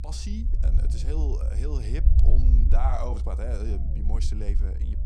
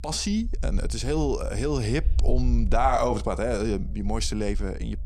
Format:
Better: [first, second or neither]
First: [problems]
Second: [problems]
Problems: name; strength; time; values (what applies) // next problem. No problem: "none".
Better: second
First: low rumble; loud; throughout; 6 dB below the speech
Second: low rumble; faint; throughout; 25 dB below the speech